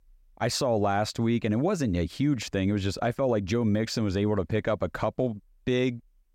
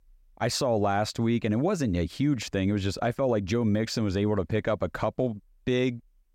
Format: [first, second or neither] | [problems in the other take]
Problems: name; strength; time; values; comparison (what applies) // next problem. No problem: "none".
neither | none